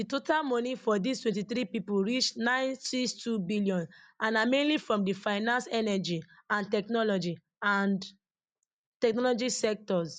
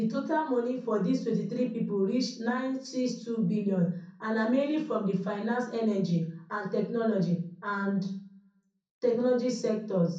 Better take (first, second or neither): first